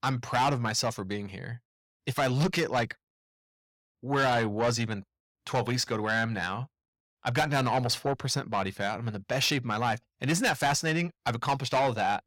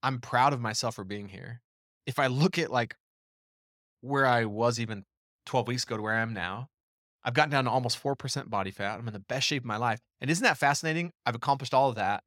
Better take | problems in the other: second | distortion; heavy; 8 dB below the speech

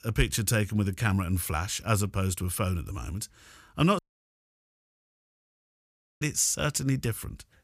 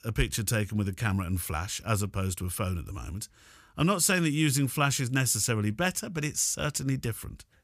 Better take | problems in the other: second | audio cutting out; at 4 s for 2 s

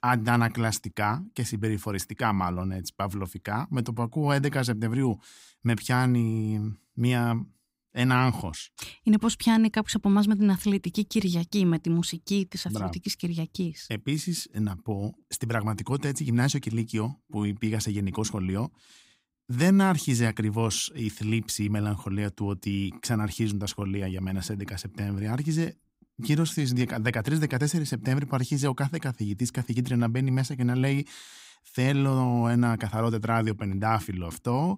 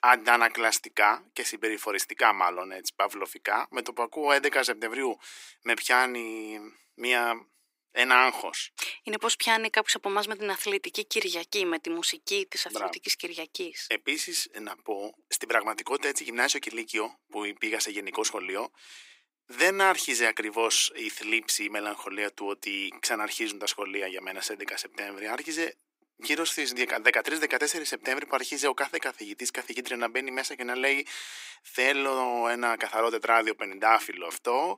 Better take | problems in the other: first | thin; very; fading below 350 Hz

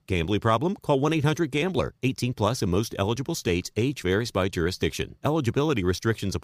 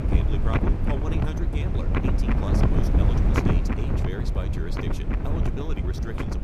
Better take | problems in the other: first | wind noise on the microphone; heavy; 5 dB above the speech

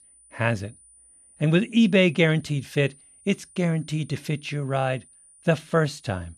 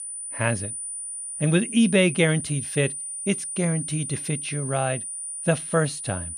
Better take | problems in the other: first | high-pitched whine; loud; throughout; 9.5 kHz, 6 dB below the speech; faint in the first

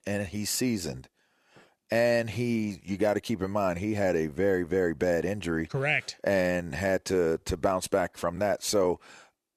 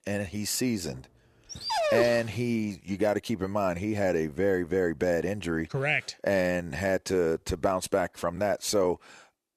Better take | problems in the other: first | dog barking; loud; at 1.5 s; peak 1 dB above the speech

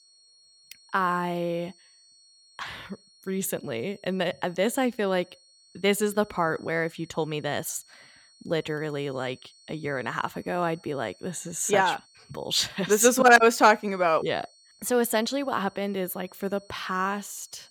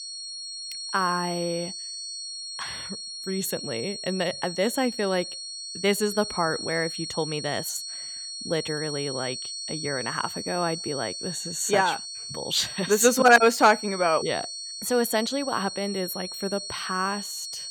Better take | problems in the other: first | high-pitched whine; loud; throughout; 4.5 kHz, 7 dB below the speech; faint in the first

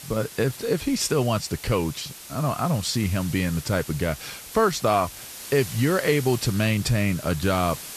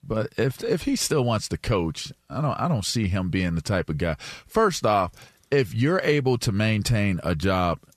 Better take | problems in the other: second | hiss; noticeable; throughout; 15 dB below the speech

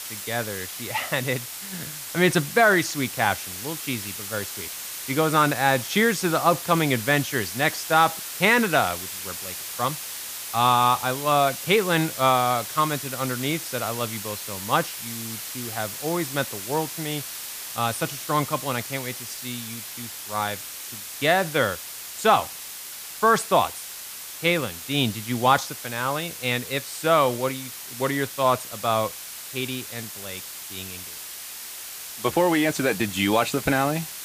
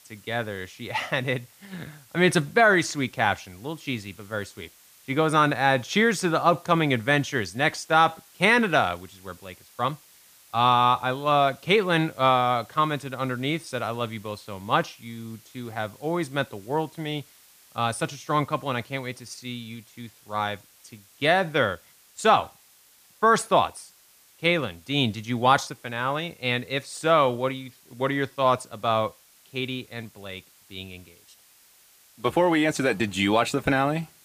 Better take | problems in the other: second | hiss; loud; throughout; 9 dB below the speech; faint in the second

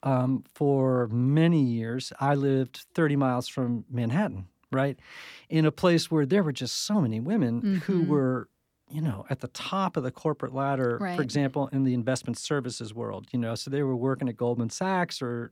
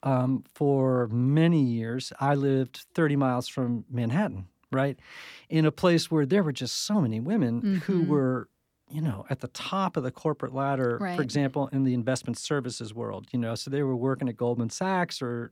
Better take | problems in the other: neither | none

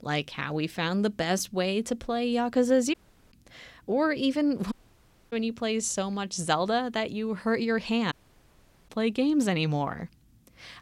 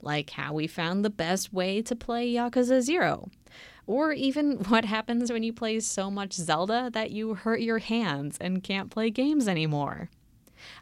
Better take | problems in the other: second | audio cutting out; at 3 s, at 4.5 s for 0.5 s and at 8 s for 1 s

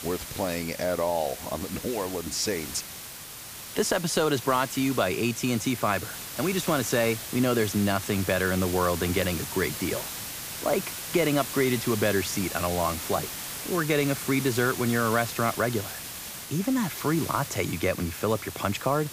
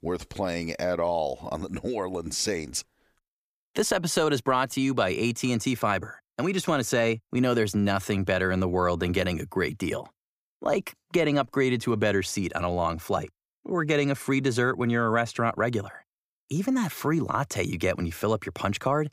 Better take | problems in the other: second | hiss; loud; throughout; 8 dB below the speech

